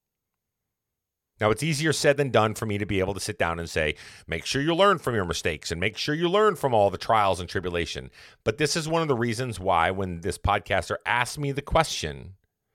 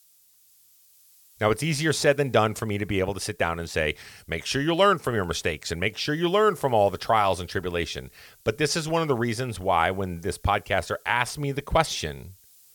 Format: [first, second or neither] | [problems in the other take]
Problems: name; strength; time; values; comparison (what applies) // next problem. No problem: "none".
first | hiss; faint; throughout; 30 dB below the speech